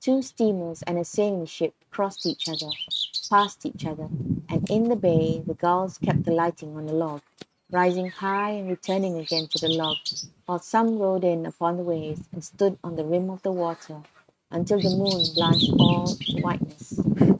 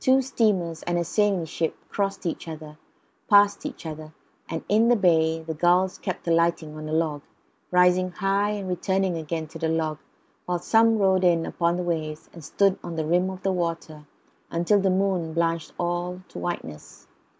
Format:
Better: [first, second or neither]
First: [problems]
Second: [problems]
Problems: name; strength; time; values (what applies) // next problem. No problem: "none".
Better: second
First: noise reduction (neural mask model RNNoise)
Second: none